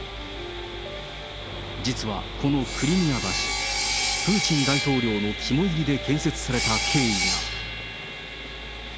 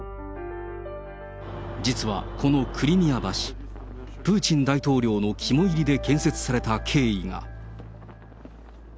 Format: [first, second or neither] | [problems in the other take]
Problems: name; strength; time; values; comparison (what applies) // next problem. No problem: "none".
second | background sound (Sawing); 3 dB below the speech